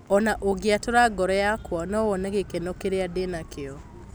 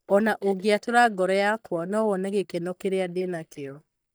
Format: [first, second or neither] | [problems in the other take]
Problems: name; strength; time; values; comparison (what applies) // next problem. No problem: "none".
first | noise reduction (neural mask model DeepFilterNet 3)